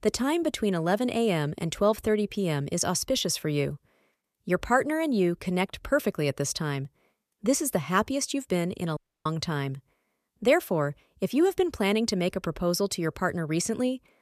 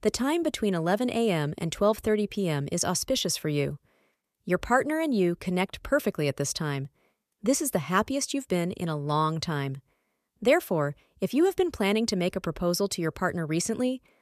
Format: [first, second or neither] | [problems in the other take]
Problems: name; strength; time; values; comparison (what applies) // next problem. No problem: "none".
second | audio cutting out; at 9 s